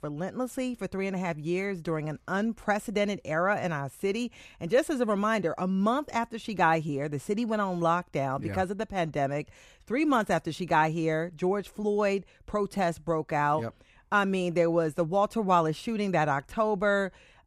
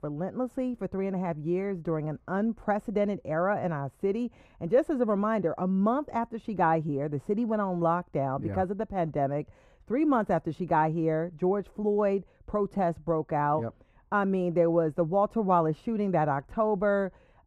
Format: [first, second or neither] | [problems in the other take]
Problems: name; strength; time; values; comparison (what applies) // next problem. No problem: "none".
first | muffled; very; fading above 2 kHz